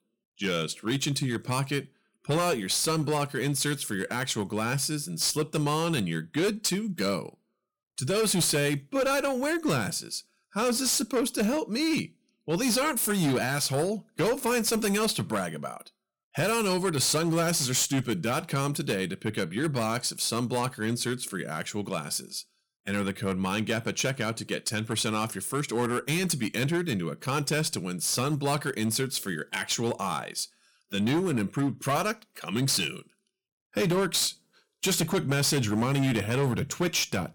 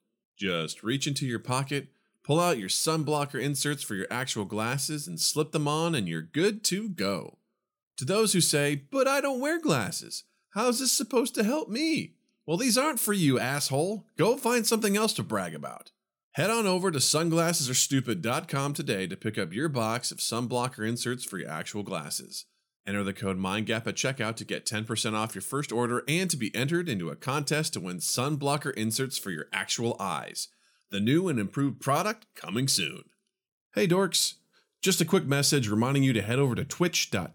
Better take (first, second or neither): second